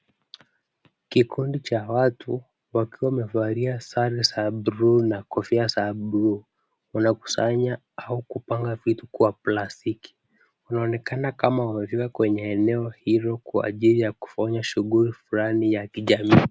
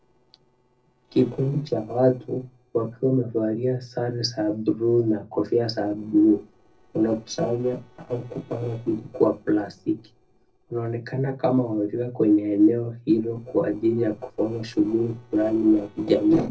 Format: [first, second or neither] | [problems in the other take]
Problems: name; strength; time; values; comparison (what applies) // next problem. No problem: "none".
first | noise reduction (neural separator model SepFormer DNS4)